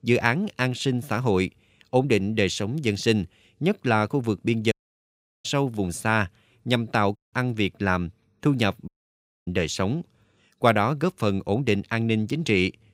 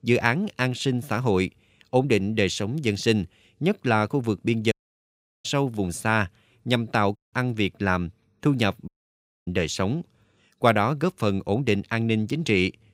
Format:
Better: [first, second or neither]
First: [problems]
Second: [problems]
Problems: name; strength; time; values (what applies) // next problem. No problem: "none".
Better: neither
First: audio cutting out; at 4.5 s for 0.5 s, at 7 s and at 9 s for 0.5 s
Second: audio cutting out; at 4.5 s for 0.5 s, at 7 s and at 9 s for 0.5 s